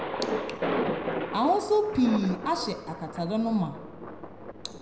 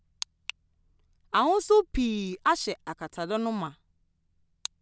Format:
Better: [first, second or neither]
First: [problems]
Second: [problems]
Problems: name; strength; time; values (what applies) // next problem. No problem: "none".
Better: second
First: background sound (Thunder); 5 dB below the speech // room echo; dies away in 0.8 s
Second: none